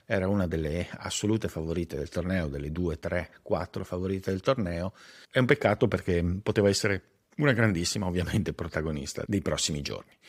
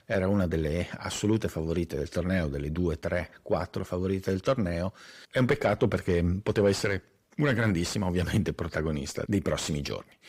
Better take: first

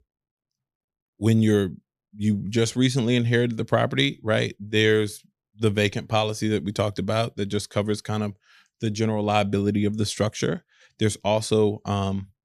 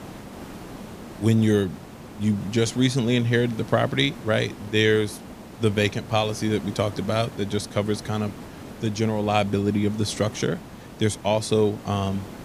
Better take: first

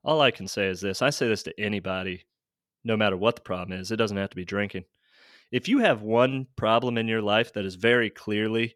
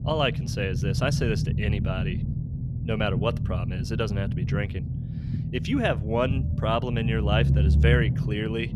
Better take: first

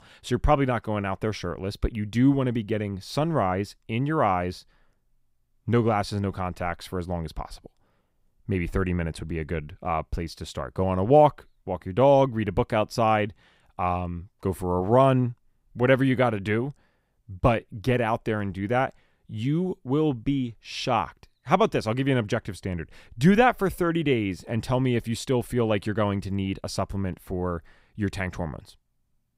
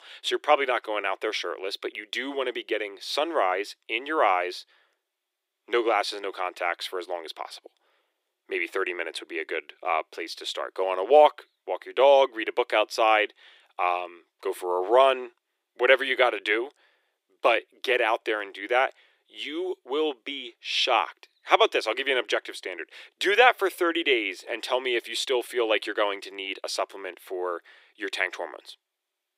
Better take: first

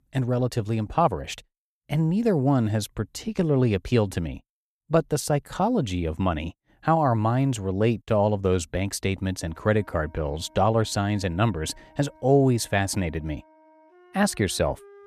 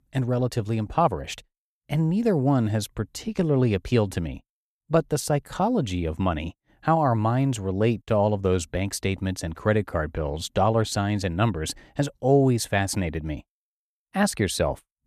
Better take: second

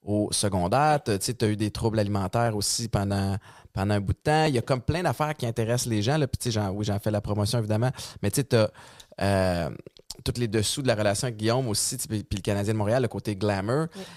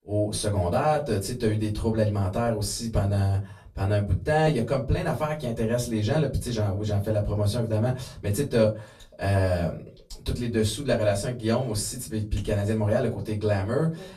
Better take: first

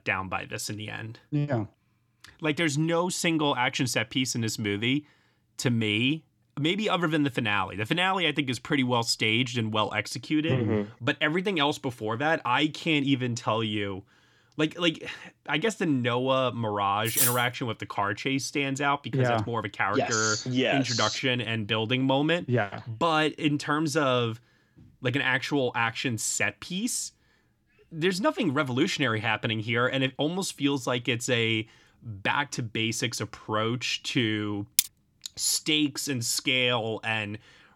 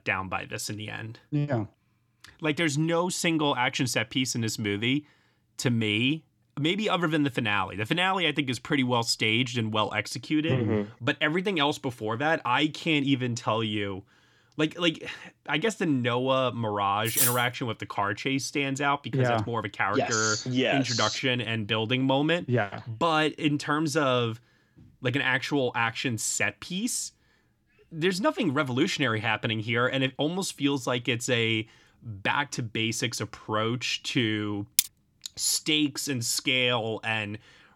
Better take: neither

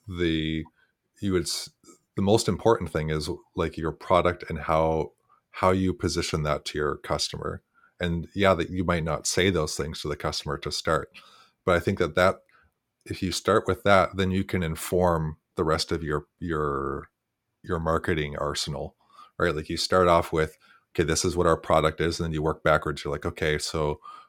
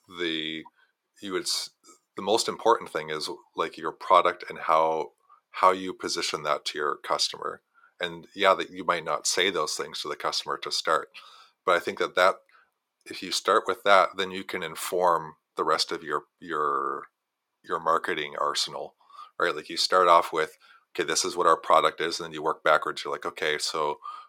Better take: first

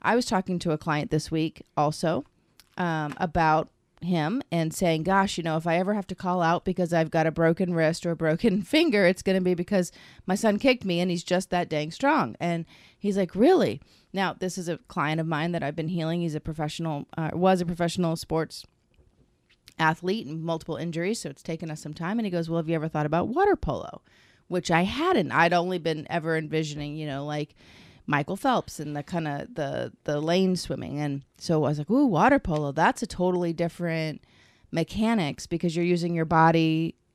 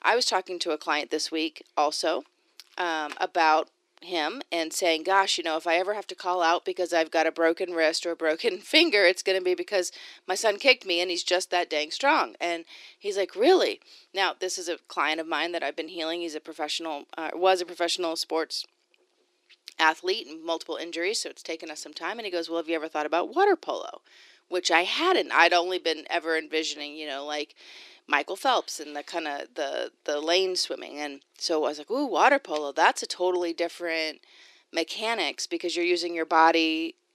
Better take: first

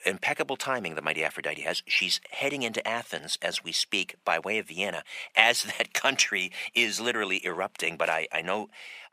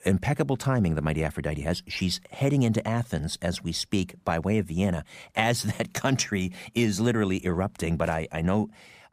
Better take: second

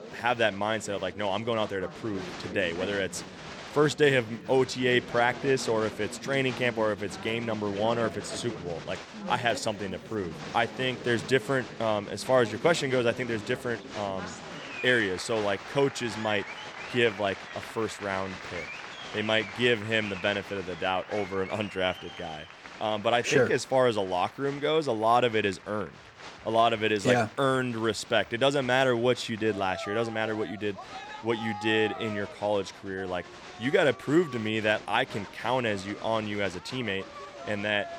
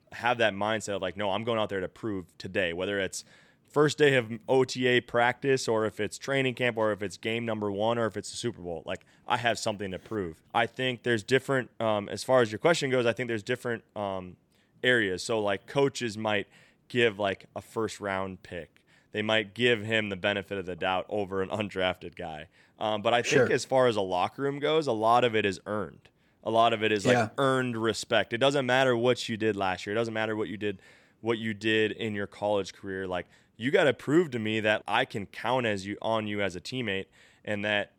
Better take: second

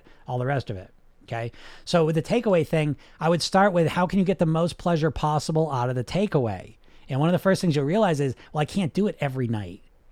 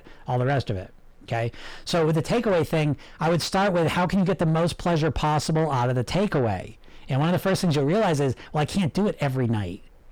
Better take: first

